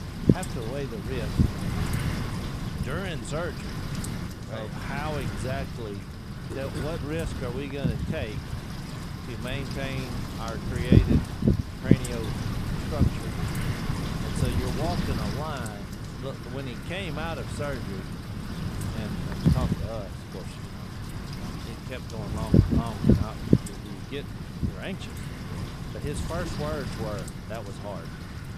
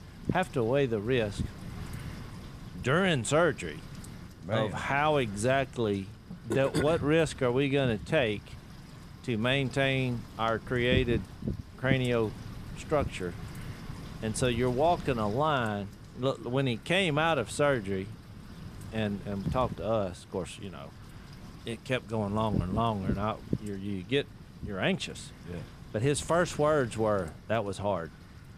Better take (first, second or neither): second